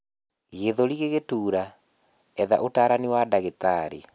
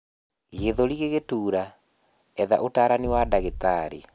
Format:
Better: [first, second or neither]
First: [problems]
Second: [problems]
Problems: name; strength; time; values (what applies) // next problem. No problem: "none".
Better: first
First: none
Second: background sound (Thump, thud); 13 dB below the speech